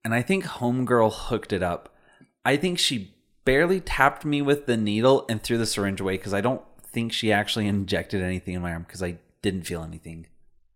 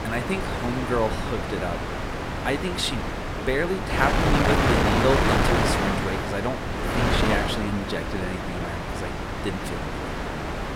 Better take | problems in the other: first | wind noise on the microphone; heavy; 3 dB above the speech

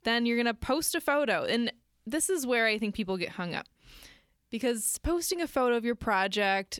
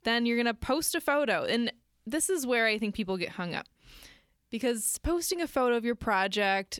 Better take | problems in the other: neither | none

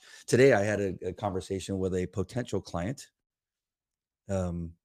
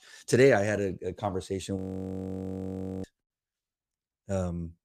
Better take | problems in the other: first | audio freezing; at 2 s for 1.5 s

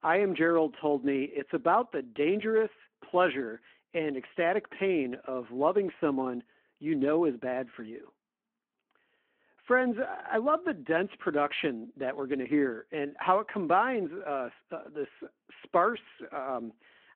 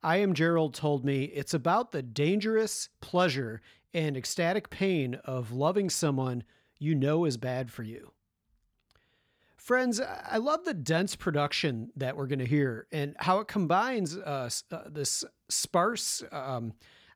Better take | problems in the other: second | phone-call audio

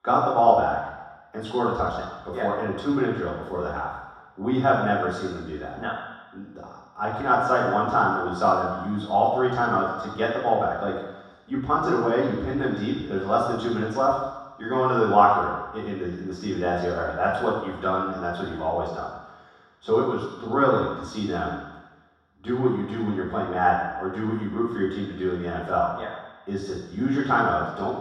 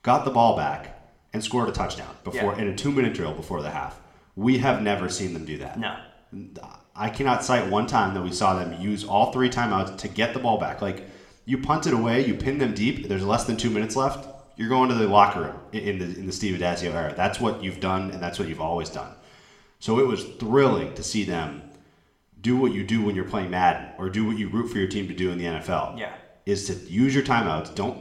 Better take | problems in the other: second | room echo; strong; dies away in 1.2 s; slight in the second // off-mic speech; far

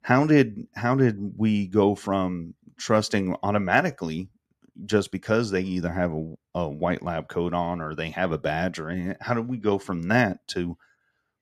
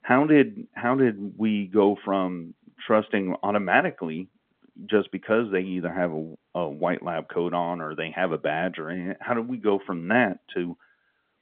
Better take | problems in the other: first | phone-call audio

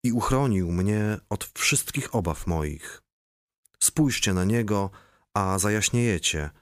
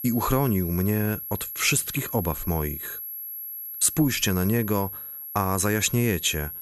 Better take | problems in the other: first | high-pitched whine; loud; throughout; 11.5 kHz, 8 dB below the speech

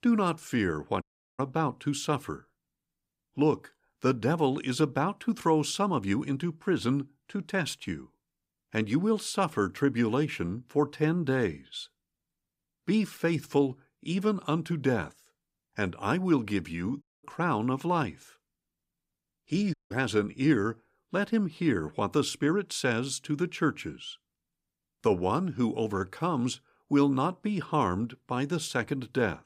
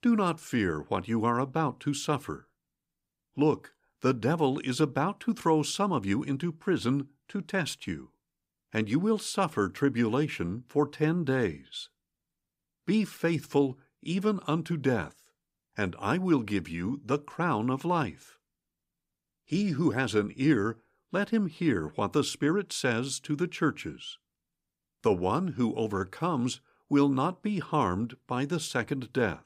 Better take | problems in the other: second | audio cutting out; at 1 s, at 17 s and at 20 s

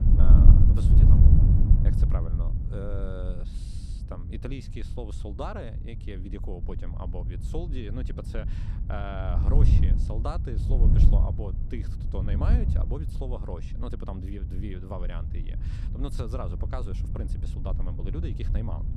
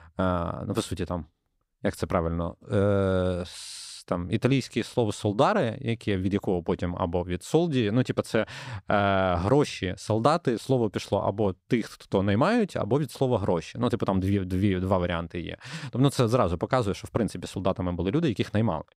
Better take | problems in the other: second | wind noise on the microphone; heavy; as loud as the speech

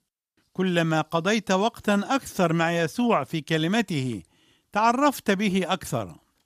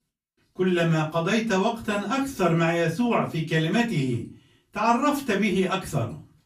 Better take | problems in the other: first | off-mic speech; far // room echo; very slight; dies away in 0.3 s

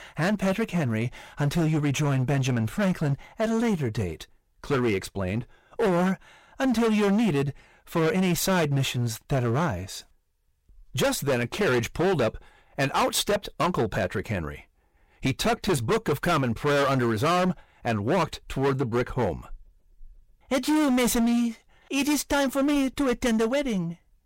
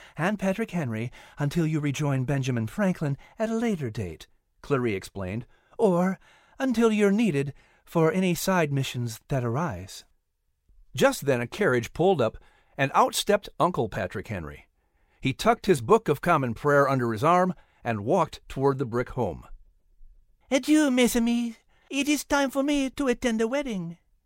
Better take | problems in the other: second | distortion; heavy; 15% of the sound clipped

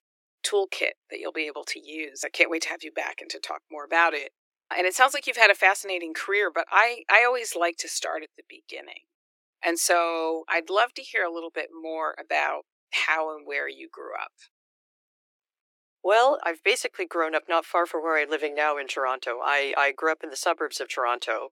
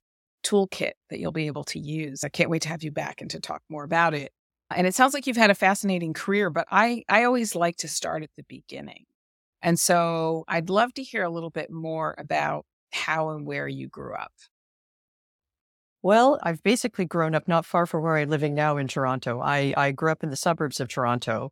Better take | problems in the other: second | thin; very; fading below 350 Hz

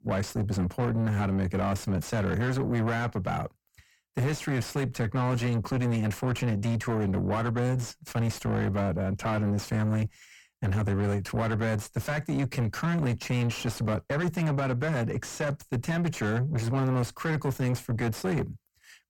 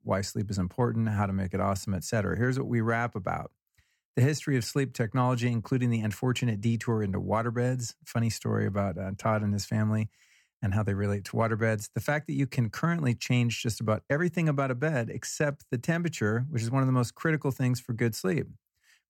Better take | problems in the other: second | distortion; heavy; 6 dB below the speech

